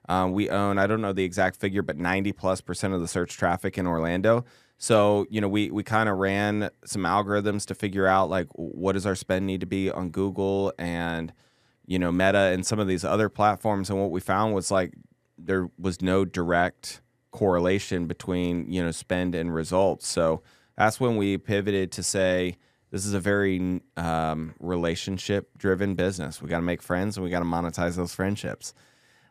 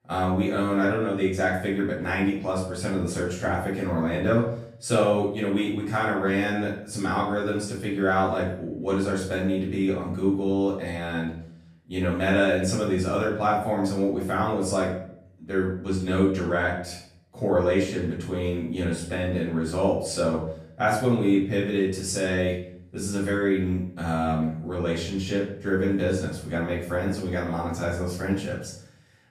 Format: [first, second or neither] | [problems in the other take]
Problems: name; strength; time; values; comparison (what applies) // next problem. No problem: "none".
first | room echo; noticeable; dies away in 0.6 s // off-mic speech; far